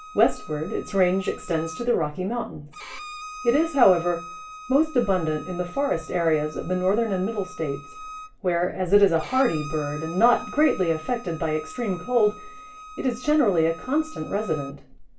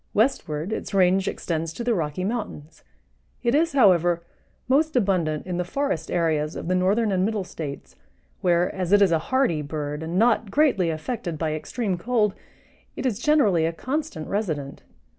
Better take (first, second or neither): second